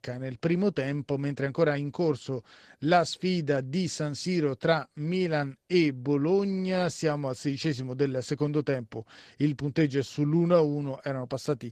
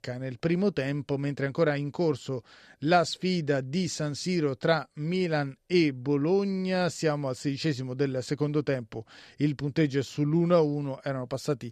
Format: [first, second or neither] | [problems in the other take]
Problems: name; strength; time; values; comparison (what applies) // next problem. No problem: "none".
second | garbled, watery; slightly; nothing above 14.5 kHz